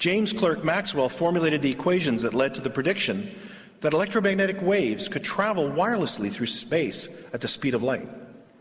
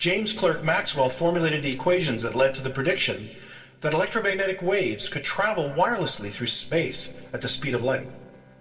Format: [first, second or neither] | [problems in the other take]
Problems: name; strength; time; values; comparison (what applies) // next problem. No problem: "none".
first | noise reduction (neural separator model SepFormer DNS4)